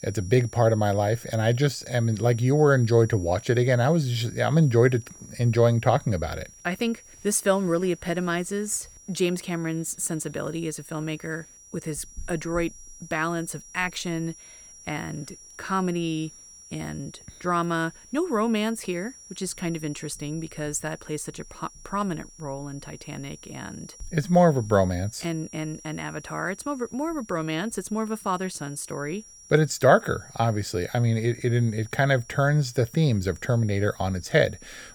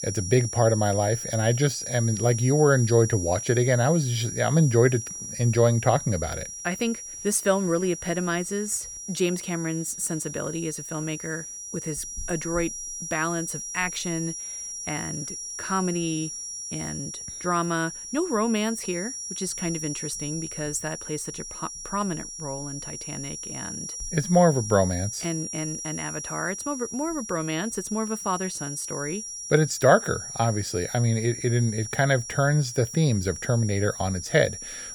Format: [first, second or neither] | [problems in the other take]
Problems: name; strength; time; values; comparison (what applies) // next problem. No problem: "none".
first | high-pitched whine; loud; throughout; 5.5 kHz, 7 dB below the speech; faint in the first